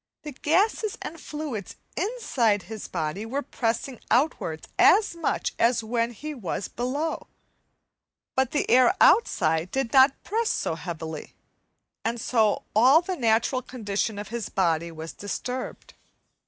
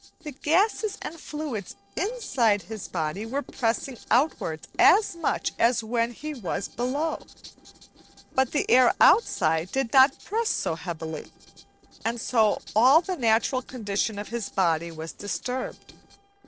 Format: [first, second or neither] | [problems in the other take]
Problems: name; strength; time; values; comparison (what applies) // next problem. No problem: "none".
first | noise reduction (neural separator model SepFormer DNS4)